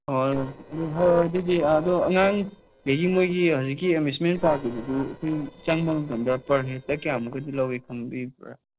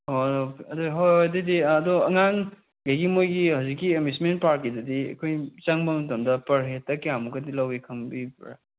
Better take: second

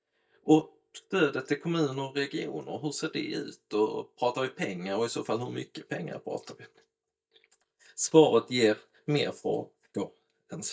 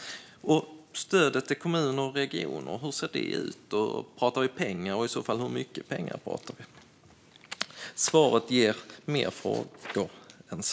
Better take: second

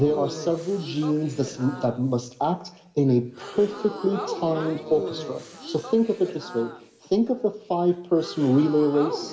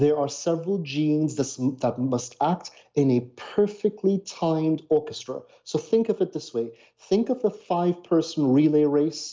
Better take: second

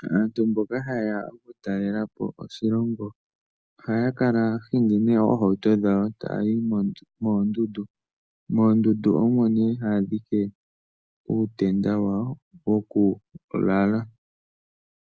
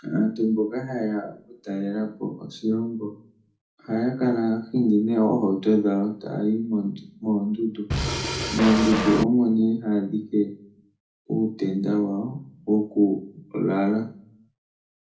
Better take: first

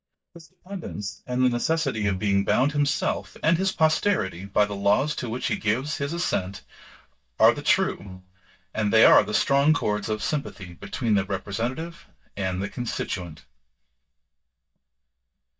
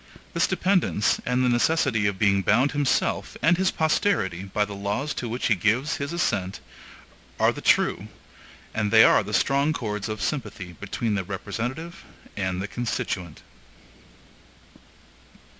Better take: second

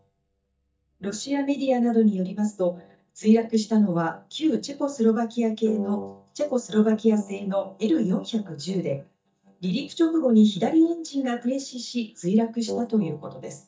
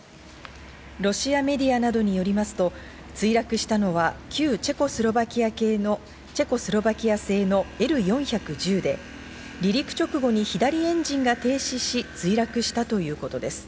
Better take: second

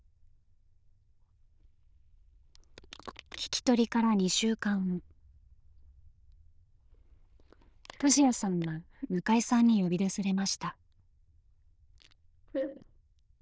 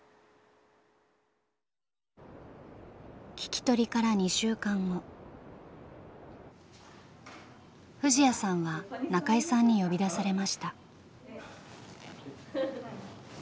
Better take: second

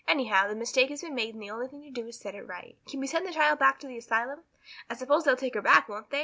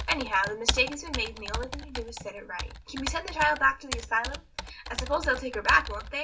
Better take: first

